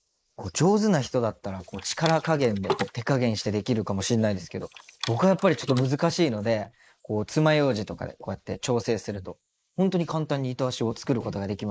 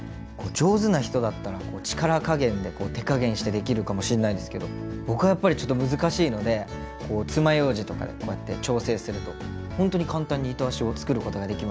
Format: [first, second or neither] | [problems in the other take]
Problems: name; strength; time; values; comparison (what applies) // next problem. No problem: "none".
second | noise reduction (neural mask model Resemble Enhance denoiser)